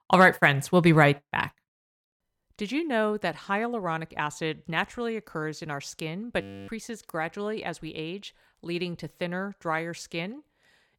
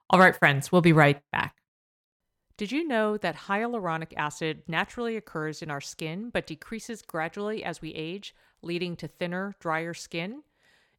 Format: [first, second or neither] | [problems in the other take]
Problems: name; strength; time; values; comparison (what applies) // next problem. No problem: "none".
second | audio freezing; at 6.5 s